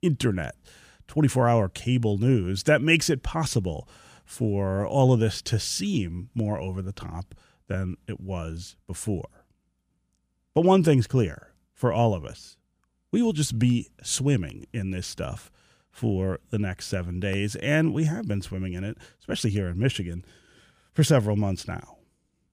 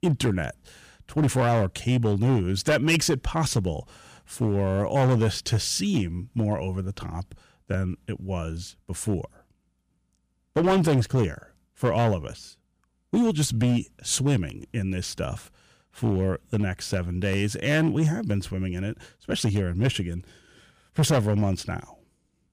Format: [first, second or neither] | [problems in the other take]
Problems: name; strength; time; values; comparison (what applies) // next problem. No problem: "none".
first | distortion; slight; 5% of the sound clipped